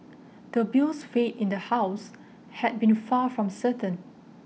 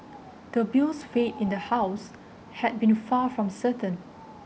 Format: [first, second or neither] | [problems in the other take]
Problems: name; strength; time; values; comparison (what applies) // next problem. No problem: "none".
first | background sound (Bird + Stream); 20 dB below the speech